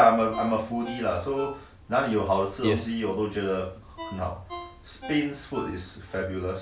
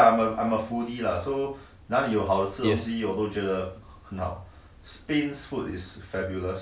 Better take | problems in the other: second | background sound (Ringtone); 17 dB below the speech

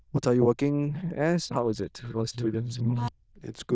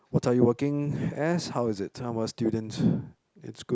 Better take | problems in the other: second | noise reduction (neural diffusion model UNIVERSE++)

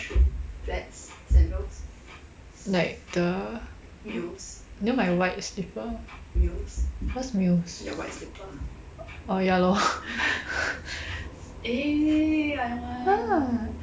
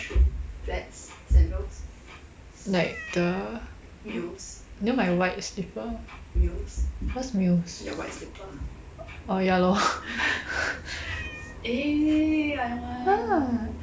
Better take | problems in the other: first | background sound (Meow); 15 dB below the speech

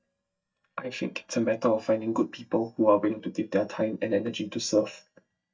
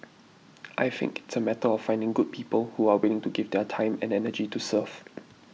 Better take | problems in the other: second | noise reduction (neural mask model DeepFilterNet 3)

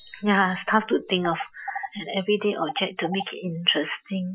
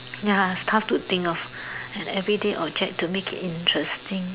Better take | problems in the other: second | noise reduction (classical method Wiener filter)

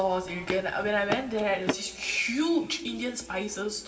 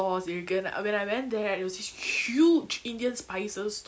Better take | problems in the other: second | background sound (Run); 7 dB below the speech // room echo; dies away in 2.6 s

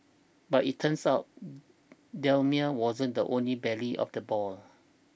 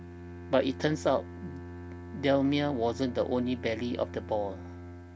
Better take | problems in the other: first | background sound (Bowed string instrument); 12 dB below the speech

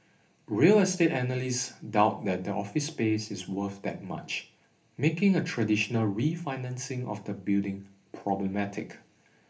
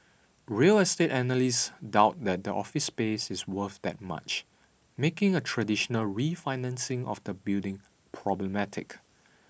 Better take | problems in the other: second | room echo; dies away in 0.3 s

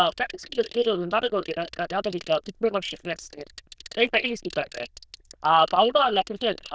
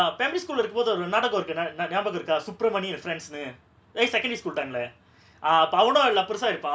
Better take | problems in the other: second | noise reduction (neural diffusion model UNIVERSE++)

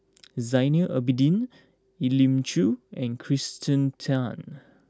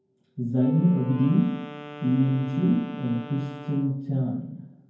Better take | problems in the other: first | background sound (Wind instrument, woodwind instrument); 17 dB below the speech // room echo; dies away in 0.9 s

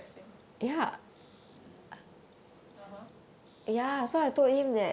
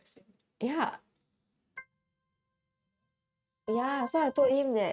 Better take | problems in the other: first | noise reduction (neural mask model RNNoise)

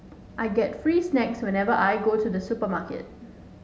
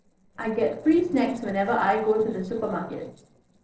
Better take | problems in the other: first | noise reduction (neural separator model SepFormer DNS4)

